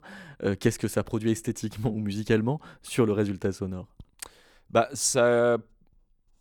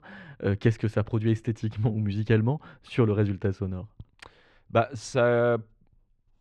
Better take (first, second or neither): first